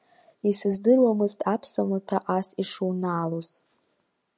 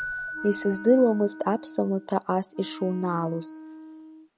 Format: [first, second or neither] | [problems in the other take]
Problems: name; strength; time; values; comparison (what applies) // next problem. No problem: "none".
first | background sound (Wind instrument, woodwind instrument + Keyboard (musical)); 13 dB below the speech